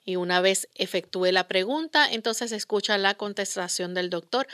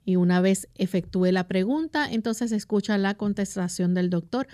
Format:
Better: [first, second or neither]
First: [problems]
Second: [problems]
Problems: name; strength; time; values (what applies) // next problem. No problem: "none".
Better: second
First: thin; very; fading below 550 Hz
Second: none